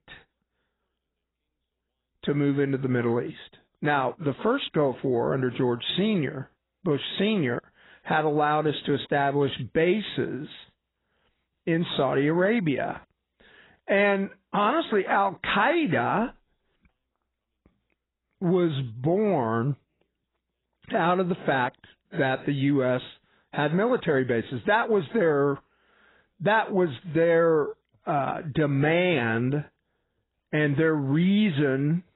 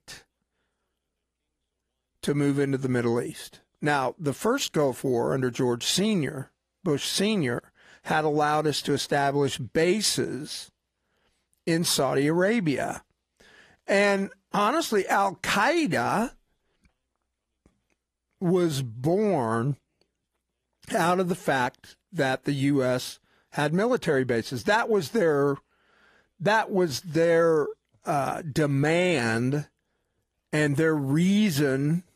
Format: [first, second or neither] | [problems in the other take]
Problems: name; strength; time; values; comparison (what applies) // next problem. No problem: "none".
second | garbled, watery; badly; nothing above 4 kHz; slightly in the second